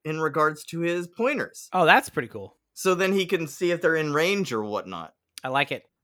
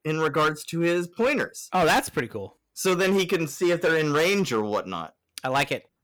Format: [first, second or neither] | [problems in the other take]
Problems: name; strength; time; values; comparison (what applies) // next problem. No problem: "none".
first | distortion; heavy; 9% of the sound clipped